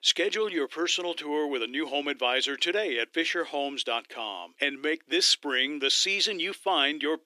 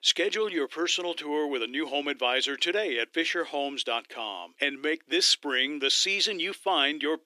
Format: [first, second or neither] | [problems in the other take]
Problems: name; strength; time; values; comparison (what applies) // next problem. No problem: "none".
neither | thin; very; fading below 350 Hz; the same in both